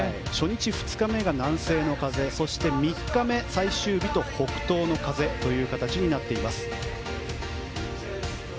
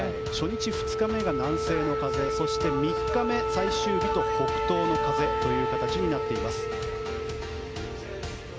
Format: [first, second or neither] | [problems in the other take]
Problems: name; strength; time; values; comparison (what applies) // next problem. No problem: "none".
first | background sound (Wind instrument, woodwind instrument); 1 dB above the speech